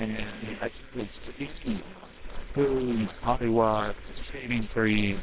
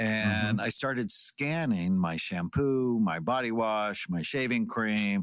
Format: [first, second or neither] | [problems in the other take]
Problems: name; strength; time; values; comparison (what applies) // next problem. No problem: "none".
second | noise reduction (neural separator model SepFormer WHAMR!)